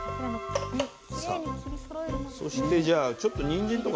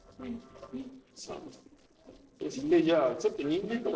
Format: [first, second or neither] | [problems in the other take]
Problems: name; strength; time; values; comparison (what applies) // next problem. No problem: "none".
first | noise reduction (neural separator model SepFormer DNS4)